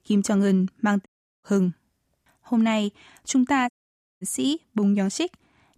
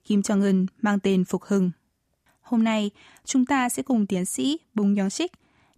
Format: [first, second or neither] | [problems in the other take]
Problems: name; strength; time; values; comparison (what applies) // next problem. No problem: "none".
second | audio cutting out; at 1 s and at 3.5 s for 0.5 s